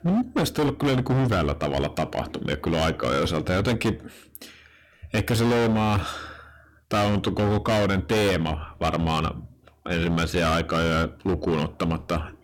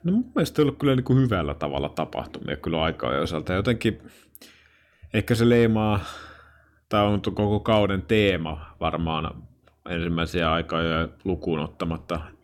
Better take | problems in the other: second | distortion; heavy; 18% of the sound clipped

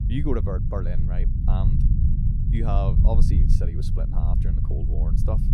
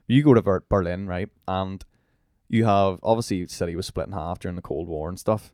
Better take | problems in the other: second | low rumble; loud; throughout; 3 dB below the speech

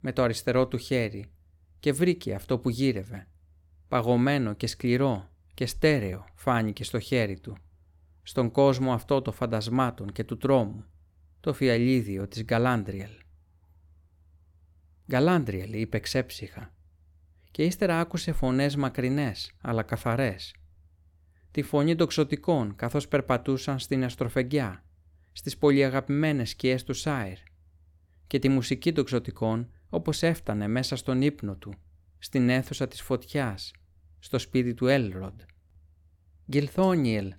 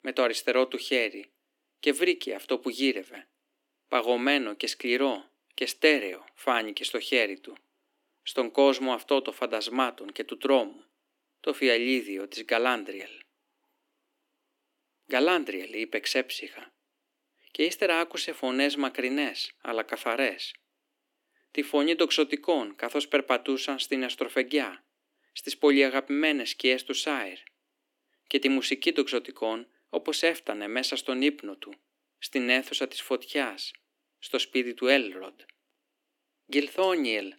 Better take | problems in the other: first | thin; very slightly; fading below 300 Hz

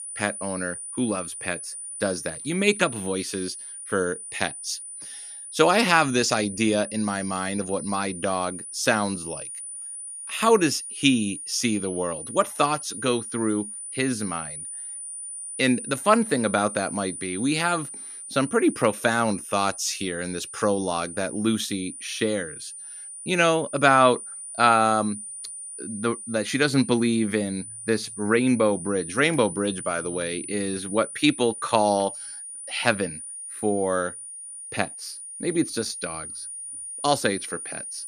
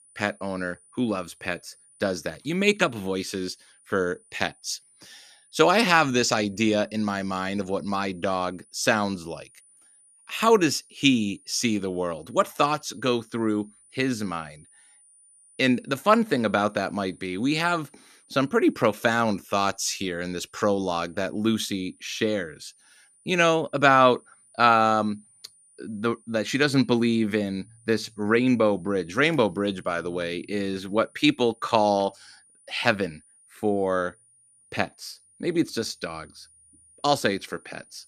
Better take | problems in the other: second | high-pitched whine; loud; throughout; 9.5 kHz, 10 dB below the speech; faint in the second

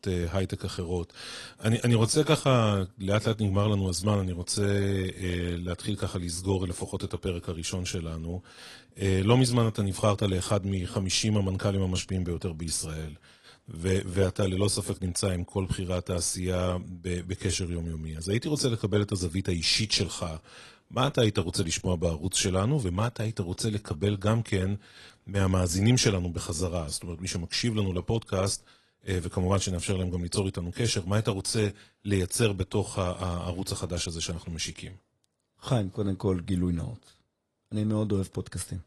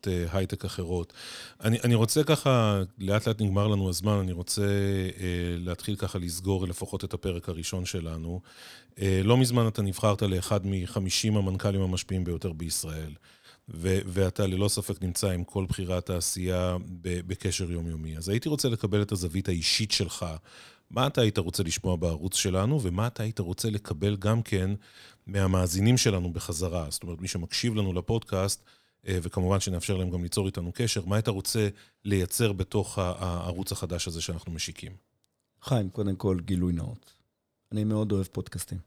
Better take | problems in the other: second | garbled, watery; slightly

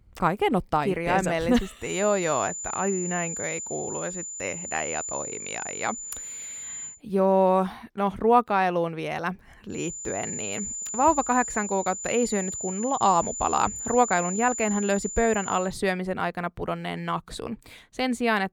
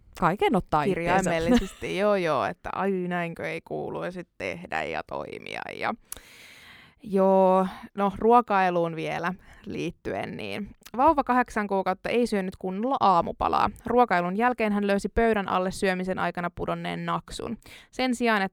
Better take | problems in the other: second | high-pitched whine; loud; from 2 to 7 s and from 10 to 16 s; 7 kHz, 6 dB below the speech

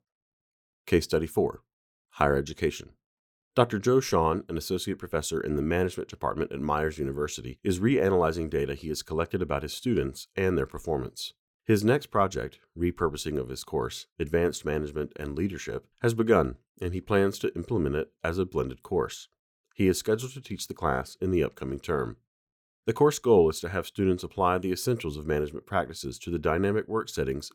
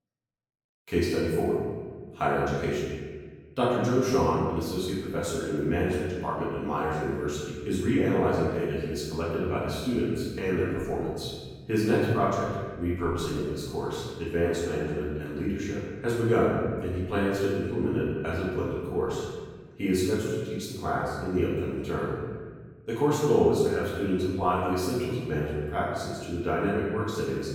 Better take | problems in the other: first | room echo; strong; dies away in 1.4 s // off-mic speech; far

